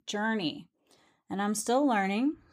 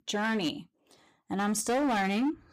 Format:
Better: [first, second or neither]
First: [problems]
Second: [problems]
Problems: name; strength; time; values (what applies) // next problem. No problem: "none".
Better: first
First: none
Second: distortion; slight; 16% of the sound clipped